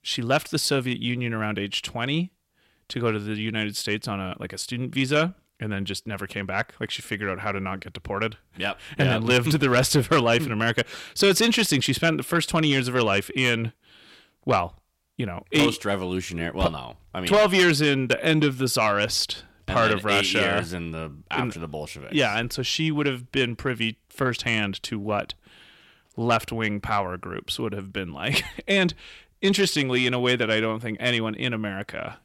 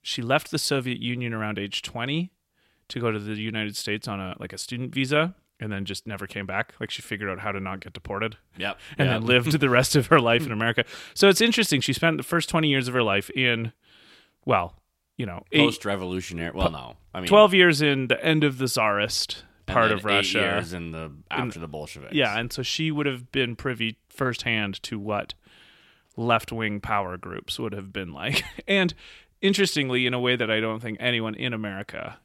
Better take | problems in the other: second | distortion; slight; 10 dB below the speech

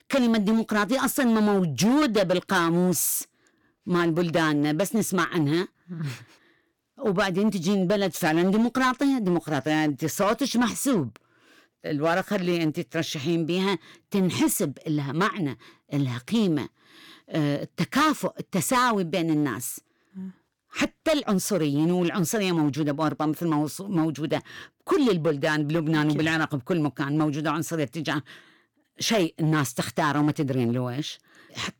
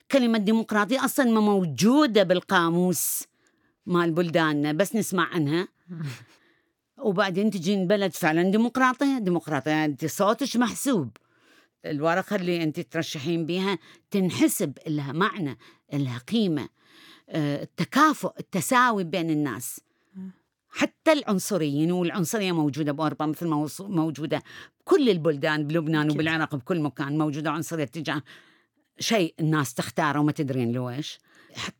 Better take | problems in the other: second | distortion; slight; 7% of the sound clipped

